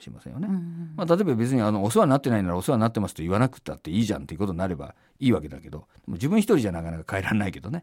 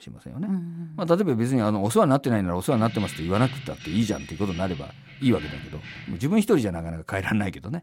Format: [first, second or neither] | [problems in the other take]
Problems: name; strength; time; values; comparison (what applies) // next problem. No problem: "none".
first | jangling keys; faint; from 2.5 to 6.5 s; peak 10 dB below the speech